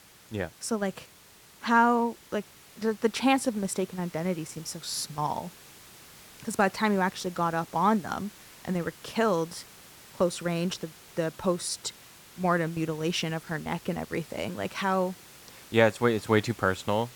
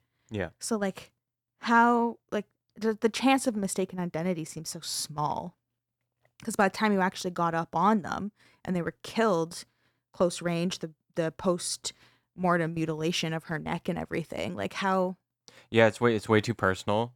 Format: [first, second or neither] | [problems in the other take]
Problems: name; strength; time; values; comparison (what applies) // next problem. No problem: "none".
second | hiss; faint; throughout; 20 dB below the speech